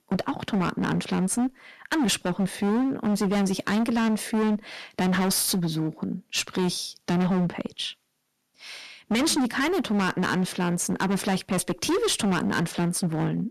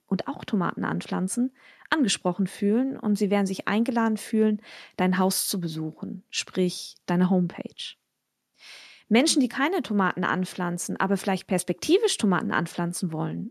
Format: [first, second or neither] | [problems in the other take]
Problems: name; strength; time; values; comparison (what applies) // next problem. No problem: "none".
second | distortion; heavy; 22% of the sound clipped